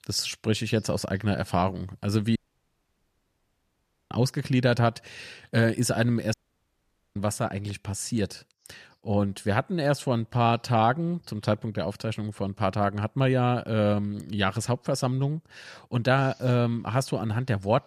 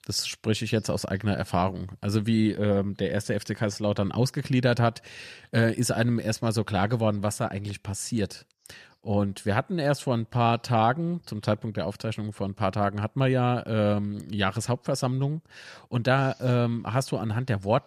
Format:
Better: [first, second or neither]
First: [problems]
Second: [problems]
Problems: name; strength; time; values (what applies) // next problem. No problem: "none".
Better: second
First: audio cutting out; at 2.5 s for 1.5 s and at 6.5 s for 1 s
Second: none